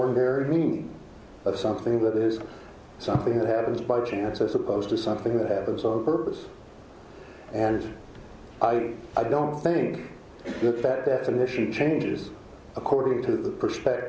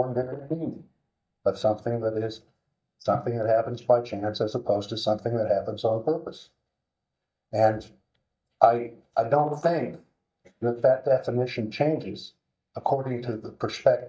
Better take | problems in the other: first | noise reduction (neural mask model DeepFilterNet 3)

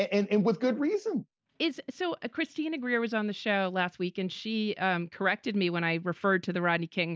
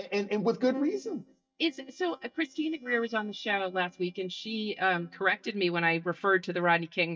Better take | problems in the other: first | noise reduction (neural mask model DeepFilterNet 3)

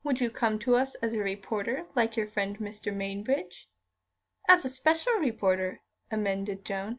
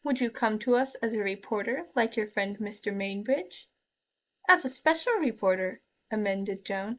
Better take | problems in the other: first | noise reduction (neural mask model Resemble Enhance denoiser)

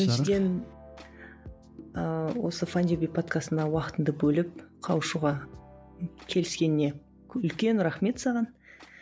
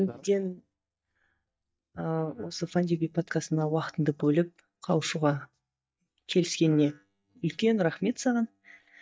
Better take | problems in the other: first | noise reduction (neural mask model DeepFilterNet 3)

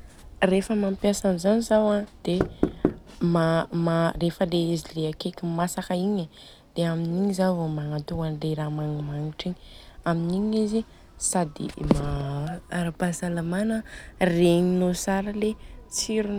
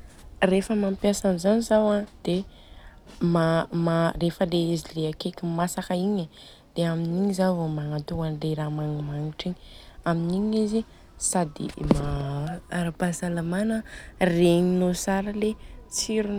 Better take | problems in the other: second | background sound (Knock); 1 dB below the speech

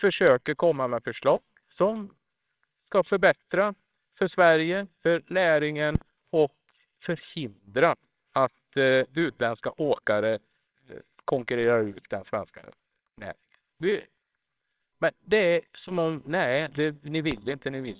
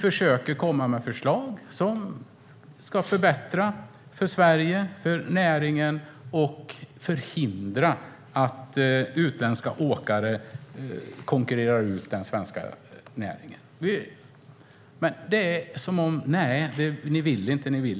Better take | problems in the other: second | noise reduction (neural separator model SepFormer WHAMR!)

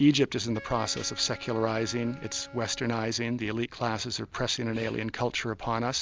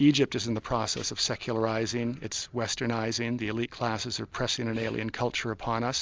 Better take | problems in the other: second | background sound (Wind instrument, woodwind instrument); 19 dB below the speech

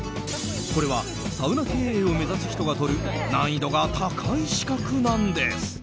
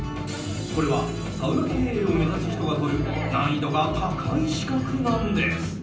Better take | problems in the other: first | room echo; dies away in 0.6 s

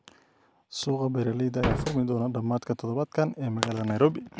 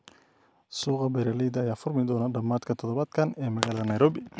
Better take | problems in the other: second | background sound (Slam); 1 dB below the speech

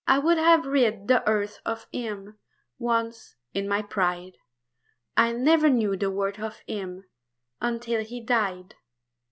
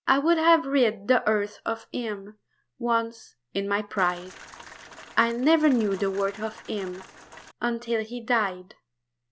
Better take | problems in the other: first | background sound (Rain); 19 dB below the speech

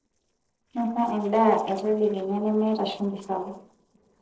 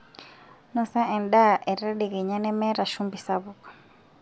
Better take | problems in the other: second | noise reduction (neural separator model SepFormer DNS4)

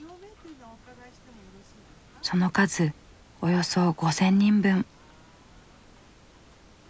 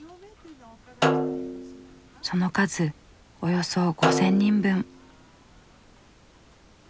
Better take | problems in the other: first | background sound (Snare drum); 2 dB below the speech

